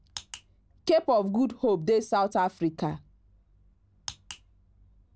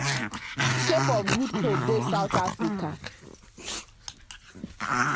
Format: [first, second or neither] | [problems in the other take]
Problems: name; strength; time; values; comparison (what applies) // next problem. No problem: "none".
first | background sound (Growling); 2 dB above the speech